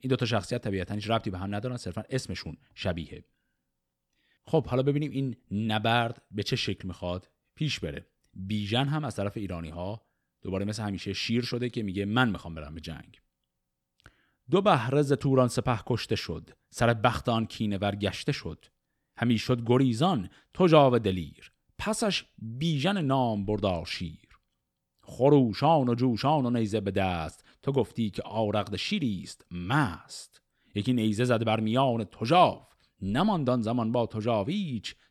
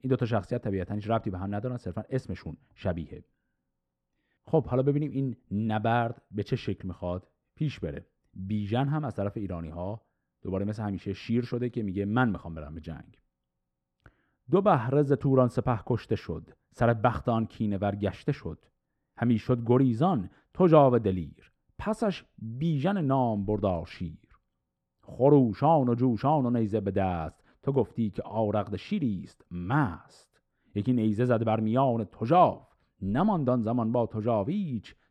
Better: first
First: none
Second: muffled; very; fading above 2 kHz

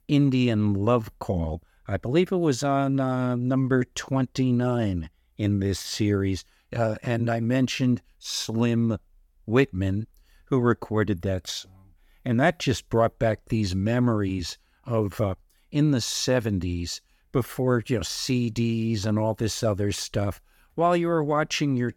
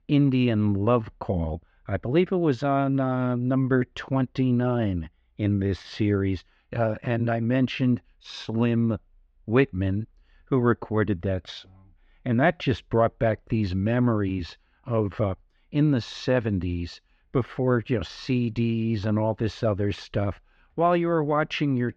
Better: first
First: none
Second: muffled; slightly; fading above 3.5 kHz

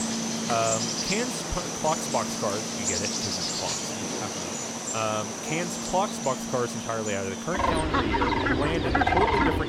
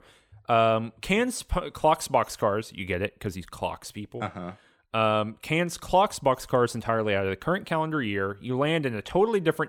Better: second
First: animal sounds; very loud; throughout; 3 dB above the speech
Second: none

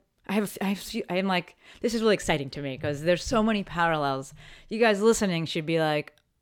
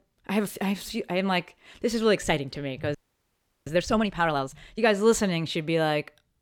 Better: first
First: none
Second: audio freezing; at 3 s for 0.5 s

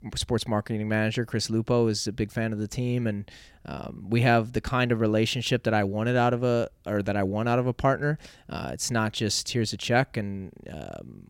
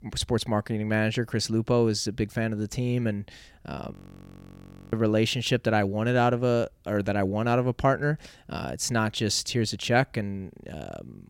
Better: first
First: none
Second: audio freezing; at 4 s for 1 s

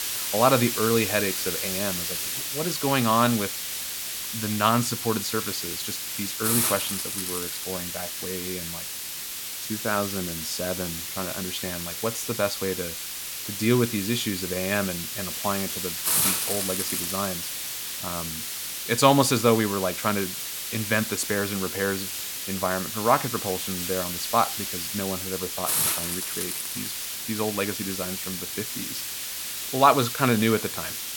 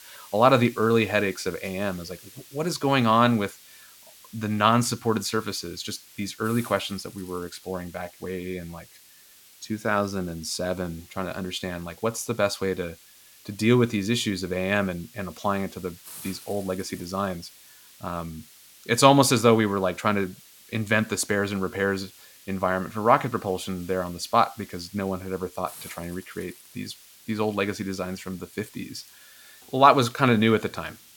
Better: second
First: hiss; loud; throughout; 2 dB below the speech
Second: hiss; faint; throughout; 20 dB below the speech

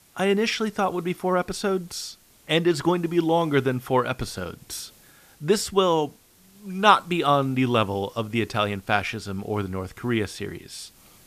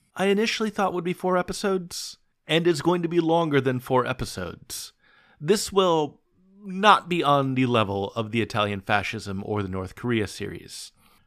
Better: second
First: hiss; faint; throughout; 30 dB below the speech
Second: none

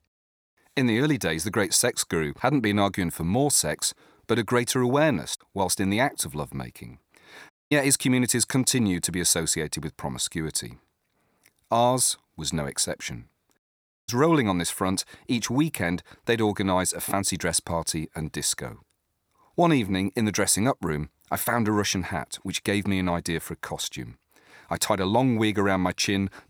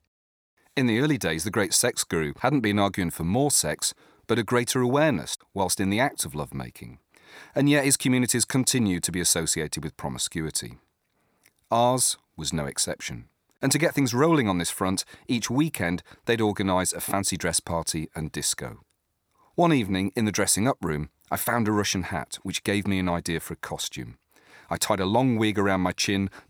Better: second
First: audio cutting out; at 7.5 s and at 14 s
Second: none

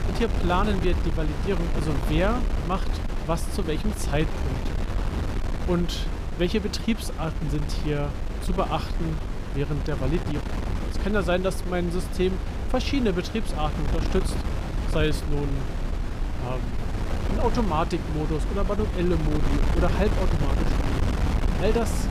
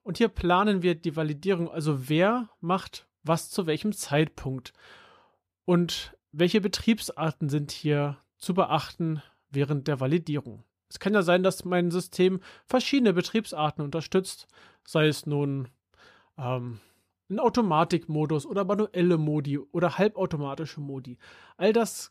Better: second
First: wind noise on the microphone; heavy; 6 dB below the speech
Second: none

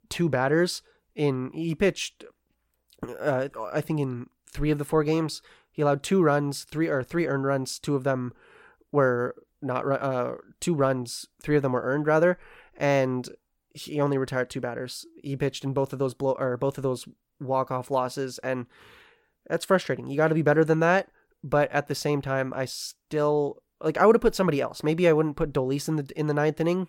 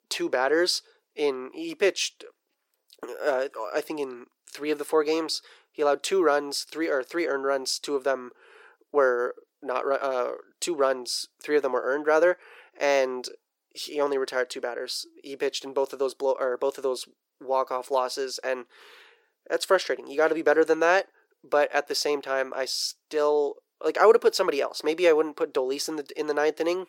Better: first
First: none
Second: thin; somewhat; fading below 400 Hz

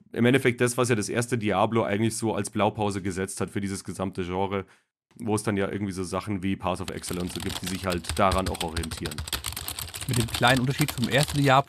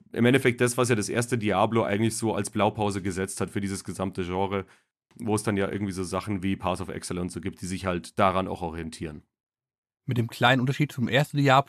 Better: second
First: keyboard typing; noticeable; from 7 s on; peak 3 dB below the speech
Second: none

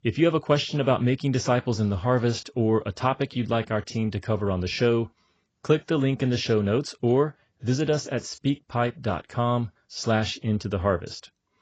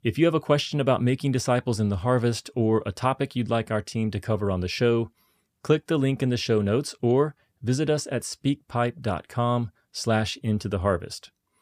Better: second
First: garbled, watery; badly; nothing above 7.5 kHz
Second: none

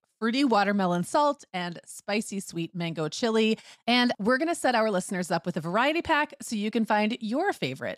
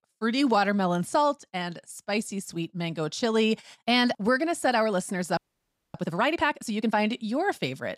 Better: first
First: none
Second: audio freezing; at 5.5 s for 0.5 s

